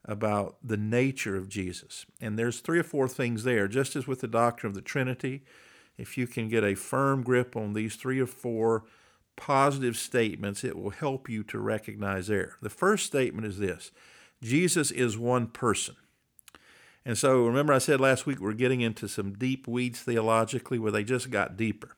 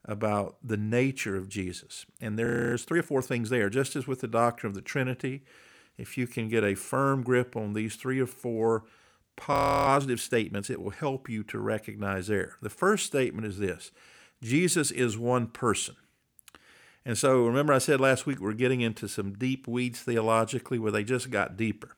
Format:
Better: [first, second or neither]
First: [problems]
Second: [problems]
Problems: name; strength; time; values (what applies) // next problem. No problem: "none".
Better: first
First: none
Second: audio freezing; at 2.5 s and at 9.5 s